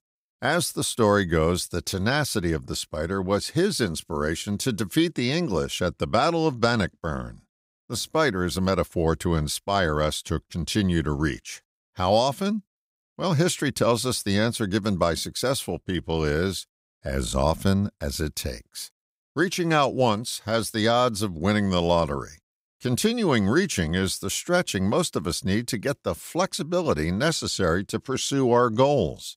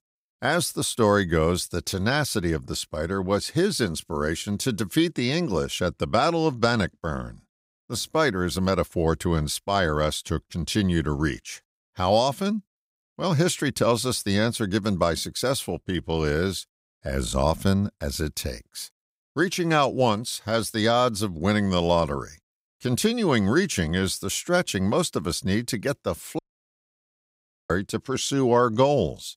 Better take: first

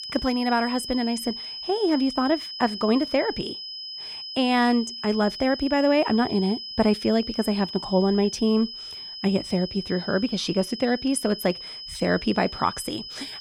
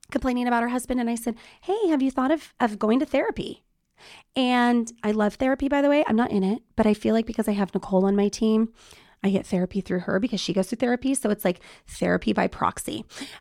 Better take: second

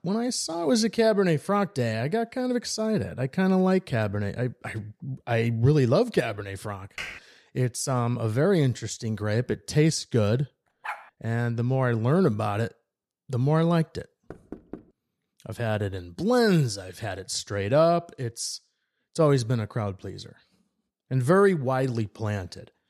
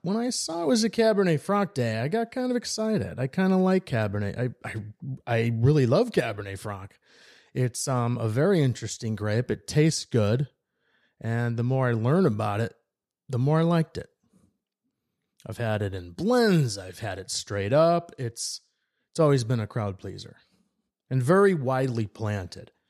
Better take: second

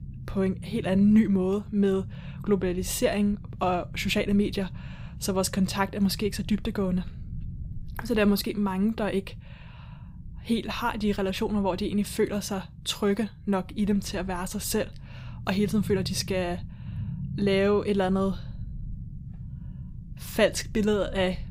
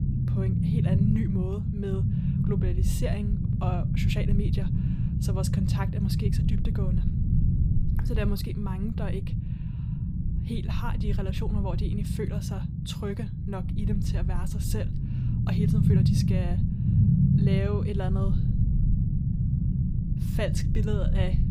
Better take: first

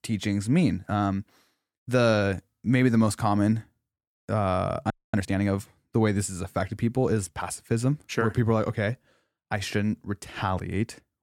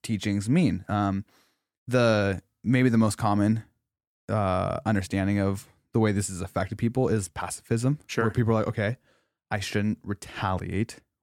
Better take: second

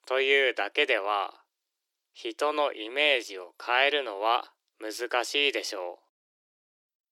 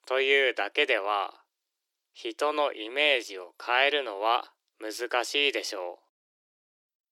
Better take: neither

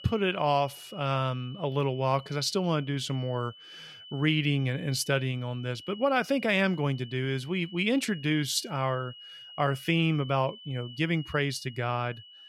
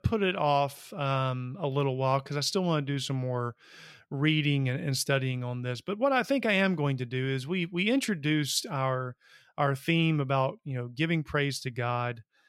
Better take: second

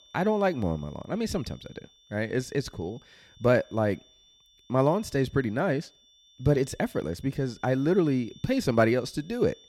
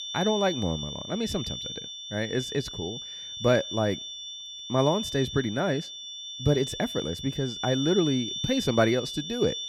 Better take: first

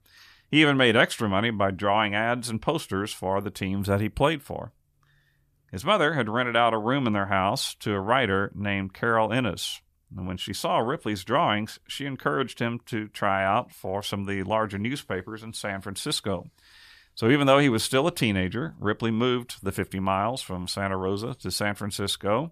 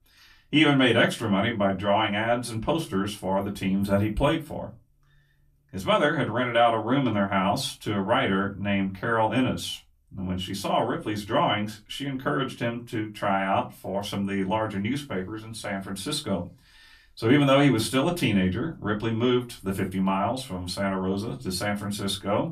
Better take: first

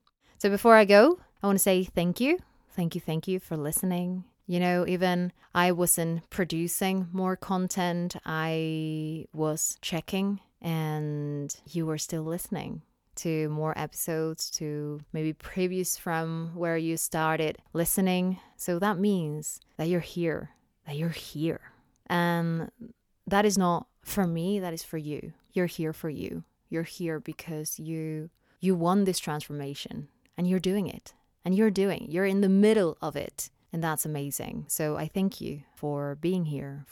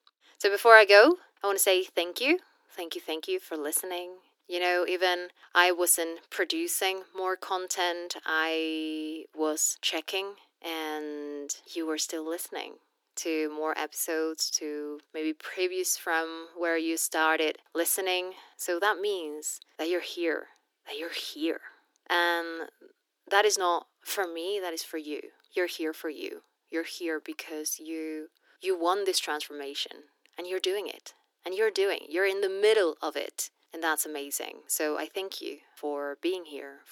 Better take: first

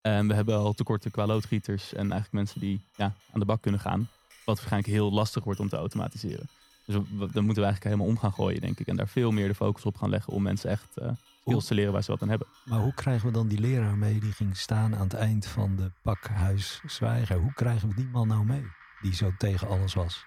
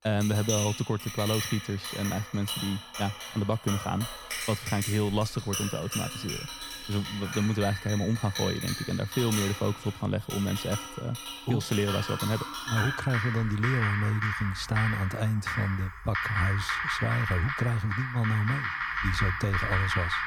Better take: first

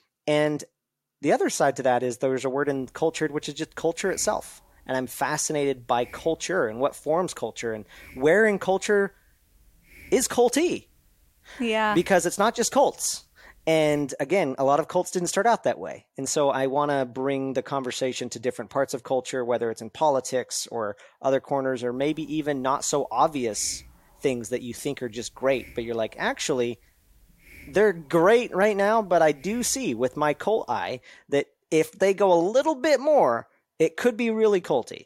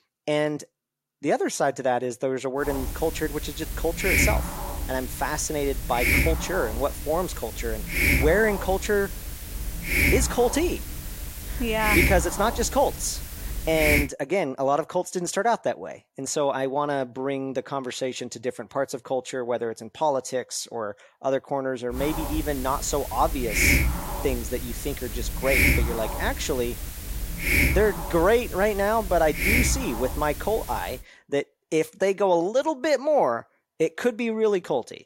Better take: first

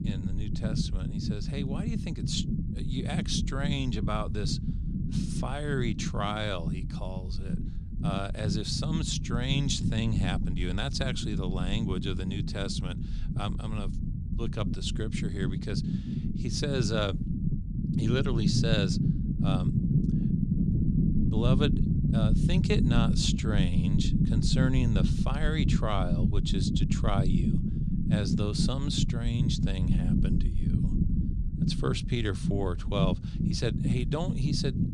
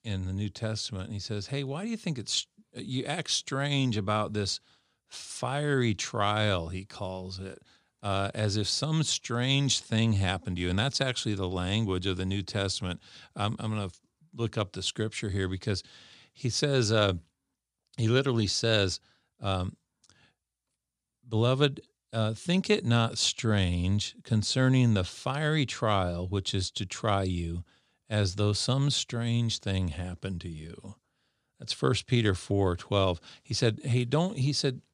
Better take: second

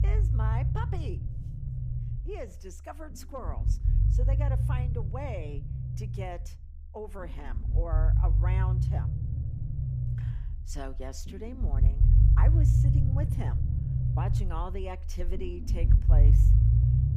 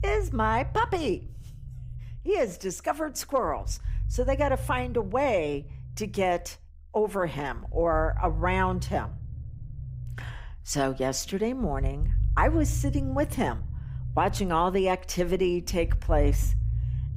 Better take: second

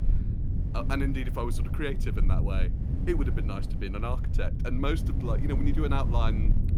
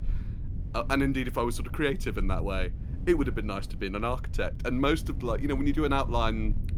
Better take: second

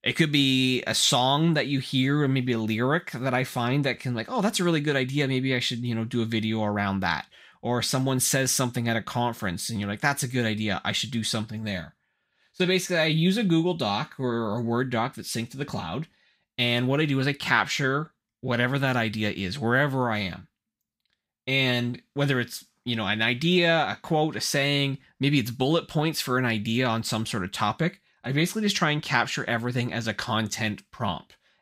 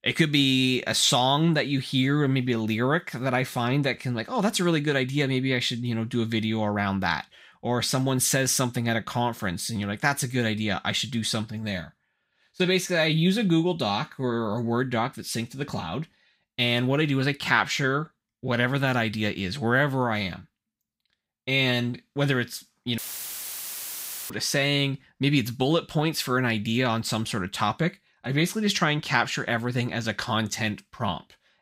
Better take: first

